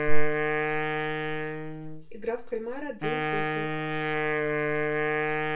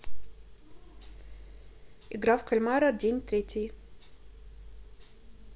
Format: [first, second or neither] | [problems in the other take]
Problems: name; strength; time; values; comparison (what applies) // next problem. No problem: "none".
second | background sound (Wind instrument, woodwind instrument); 4 dB below the speech // room echo; dies away in 0.2 s